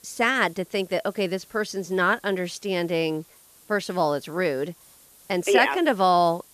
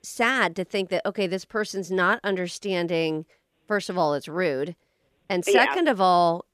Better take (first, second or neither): second